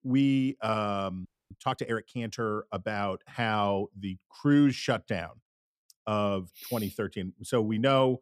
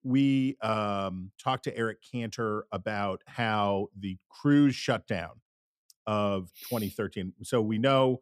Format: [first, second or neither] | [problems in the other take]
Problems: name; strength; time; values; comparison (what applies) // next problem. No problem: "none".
second | audio freezing; at 1.5 s